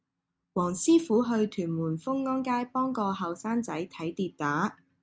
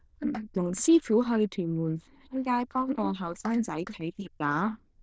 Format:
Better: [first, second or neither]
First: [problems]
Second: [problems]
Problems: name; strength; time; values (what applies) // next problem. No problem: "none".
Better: first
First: none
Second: noise reduction (neural diffusion model UNIVERSE++)